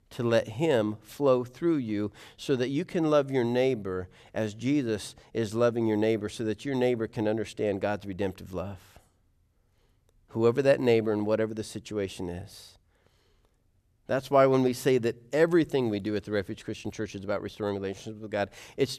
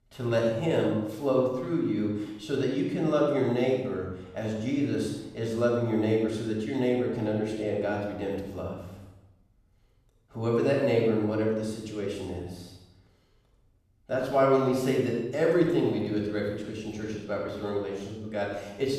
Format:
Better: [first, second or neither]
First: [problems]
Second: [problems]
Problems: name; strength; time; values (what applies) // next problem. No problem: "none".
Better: first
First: none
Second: room echo; noticeable; dies away in 0.8 s // off-mic speech; far